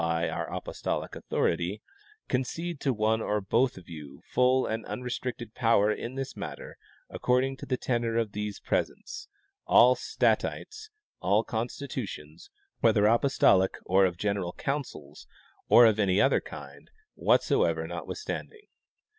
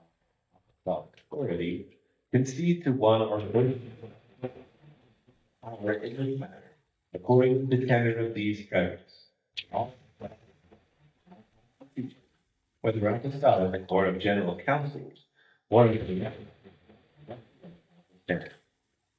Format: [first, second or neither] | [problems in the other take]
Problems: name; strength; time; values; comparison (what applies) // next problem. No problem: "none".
first | noise reduction (neural mask model DeepFilterNet 3)